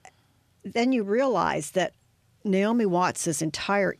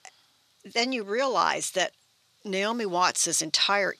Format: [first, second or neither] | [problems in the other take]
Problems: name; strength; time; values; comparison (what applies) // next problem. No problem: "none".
first | thin; somewhat; fading below 750 Hz